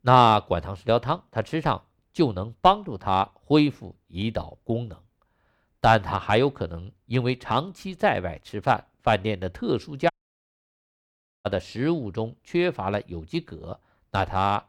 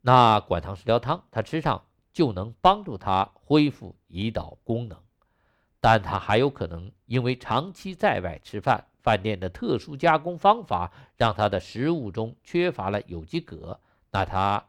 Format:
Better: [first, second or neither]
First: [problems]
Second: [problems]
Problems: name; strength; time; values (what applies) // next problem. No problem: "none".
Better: second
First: audio cutting out; at 10 s for 1.5 s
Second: none